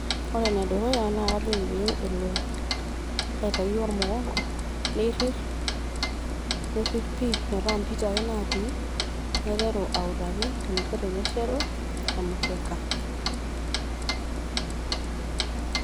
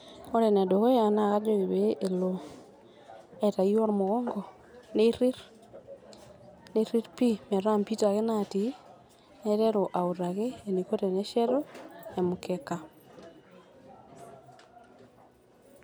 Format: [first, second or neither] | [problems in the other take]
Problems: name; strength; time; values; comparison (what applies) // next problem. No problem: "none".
second | background sound (Clock); 3 dB above the speech